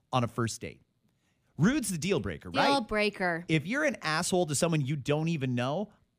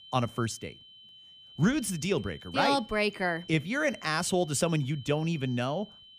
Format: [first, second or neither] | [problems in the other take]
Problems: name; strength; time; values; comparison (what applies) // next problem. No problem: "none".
first | high-pitched whine; noticeable; throughout; 3 kHz, 20 dB below the speech